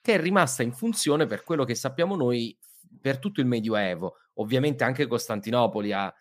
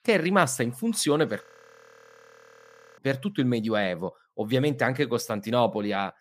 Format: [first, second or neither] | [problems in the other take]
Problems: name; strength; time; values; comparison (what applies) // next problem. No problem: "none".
first | audio freezing; at 1.5 s for 1.5 s